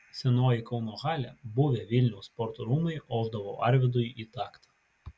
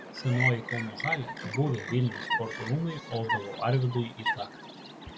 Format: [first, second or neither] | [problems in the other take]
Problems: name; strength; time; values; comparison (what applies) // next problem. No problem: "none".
first | background sound (Chirp, tweet); 4 dB below the speech